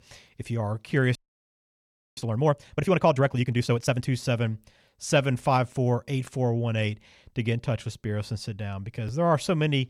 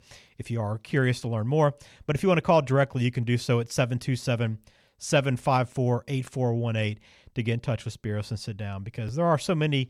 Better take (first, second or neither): second